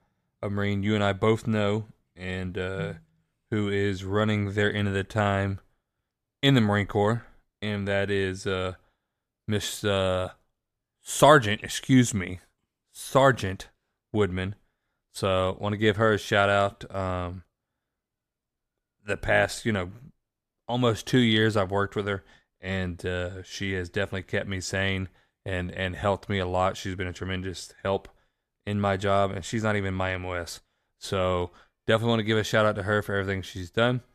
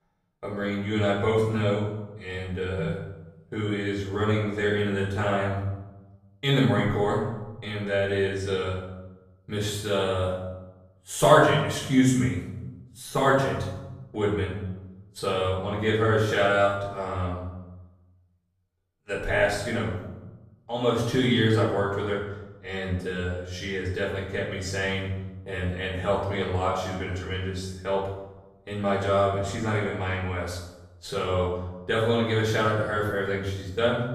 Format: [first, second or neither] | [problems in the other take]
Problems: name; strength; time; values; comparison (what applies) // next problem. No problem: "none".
first | off-mic speech; far // room echo; noticeable; dies away in 0.8 s